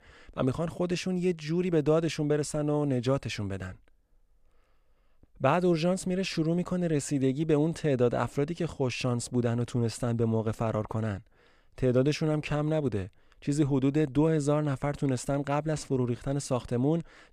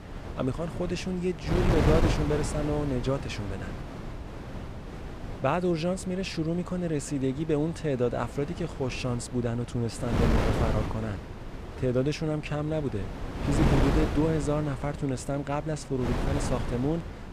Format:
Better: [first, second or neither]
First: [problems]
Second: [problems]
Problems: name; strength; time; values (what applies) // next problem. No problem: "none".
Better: first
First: none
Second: wind noise on the microphone; heavy; 5 dB below the speech